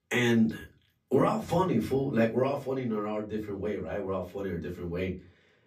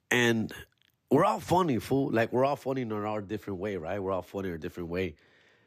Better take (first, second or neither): second